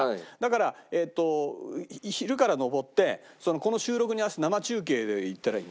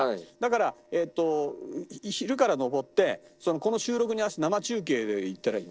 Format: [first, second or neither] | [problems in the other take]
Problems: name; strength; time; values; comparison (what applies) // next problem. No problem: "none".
first | noise reduction (neural separator model SepFormer DNS4)